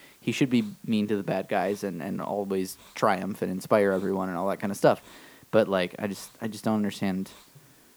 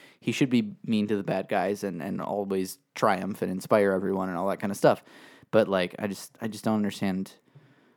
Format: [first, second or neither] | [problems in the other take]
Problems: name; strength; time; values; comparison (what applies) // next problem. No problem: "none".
second | hiss; faint; throughout; 25 dB below the speech